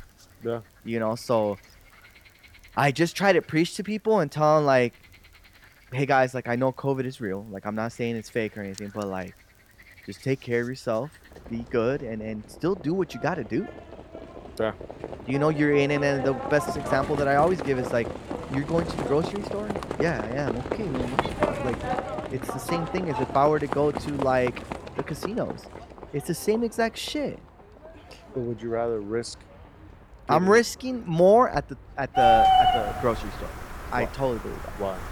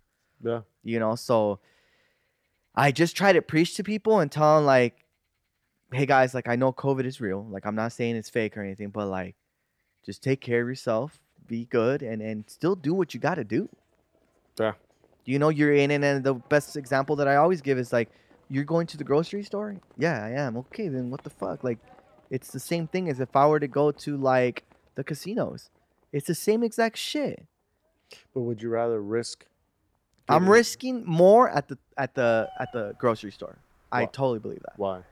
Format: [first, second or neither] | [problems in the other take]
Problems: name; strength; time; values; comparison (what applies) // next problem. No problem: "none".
second | animal sounds; loud; throughout; 3 dB below the speech; faint in the second